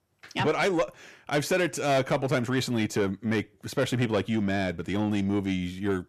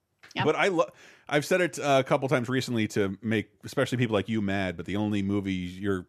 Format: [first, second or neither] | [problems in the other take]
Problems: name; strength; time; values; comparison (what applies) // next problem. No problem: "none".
second | distortion; slight; 10 dB below the speech